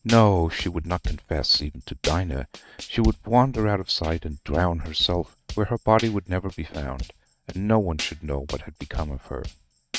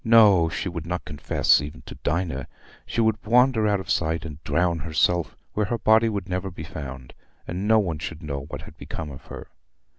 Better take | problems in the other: second | noise reduction (neural mask model RNNoise)

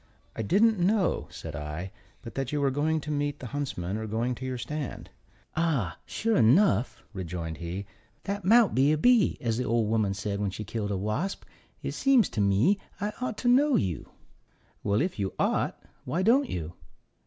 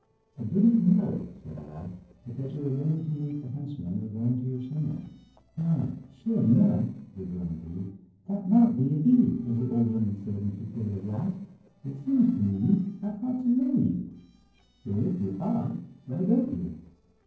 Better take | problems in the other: first | noise reduction (neural separator model SepFormer DNS4)

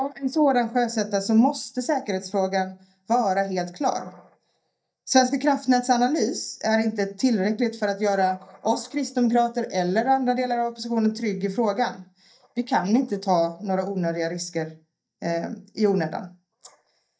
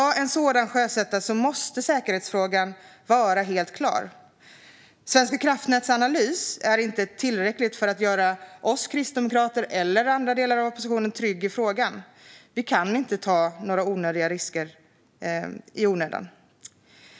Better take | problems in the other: second | noise reduction (neural mask model DeepFilterNet 3)

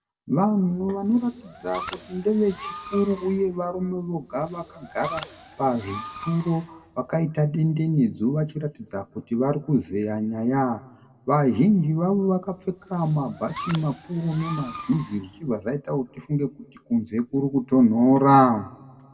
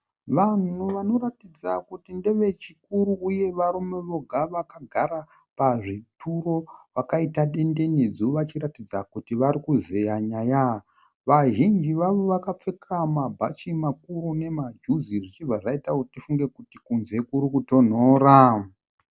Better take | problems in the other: second | background sound (Fireworks); 16 dB below the speech // room echo; dies away in 1 s

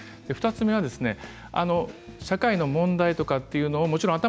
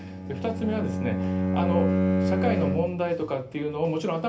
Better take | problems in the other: first | background sound (Bowed string instrument); 2 dB above the speech // room echo; dies away in 0.3 s

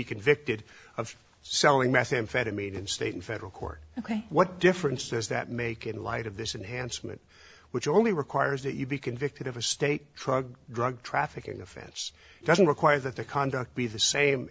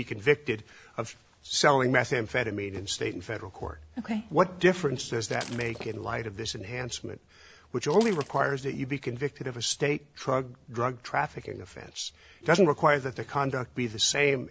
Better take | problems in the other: first | background sound (Shatter); 17 dB below the speech

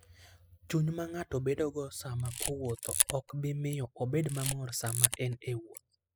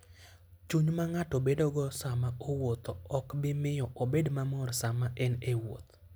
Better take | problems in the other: second | noise reduction (classical method spectral subtraction)

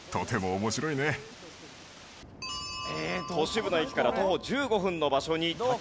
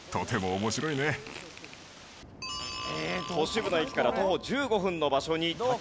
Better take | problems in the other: first | background sound (Fart); 17 dB below the speech

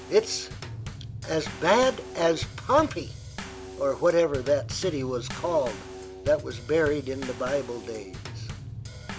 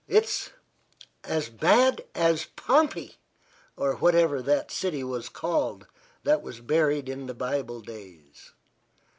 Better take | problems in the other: second | background sound (Bass drum / Snare drum / Drum kit); 11 dB below the speech

